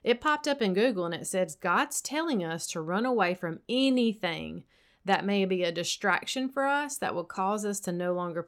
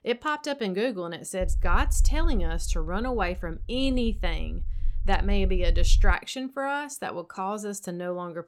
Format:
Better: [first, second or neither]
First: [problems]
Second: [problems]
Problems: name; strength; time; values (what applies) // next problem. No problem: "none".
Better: first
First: none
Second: low rumble; faint; from 1.5 to 6 s; 25 dB below the speech